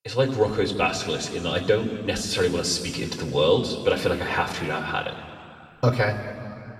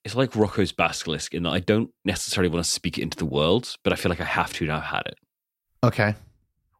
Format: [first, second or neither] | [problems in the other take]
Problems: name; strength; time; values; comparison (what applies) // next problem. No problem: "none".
second | room echo; noticeable; dies away in 2.1 s // off-mic speech; somewhat distant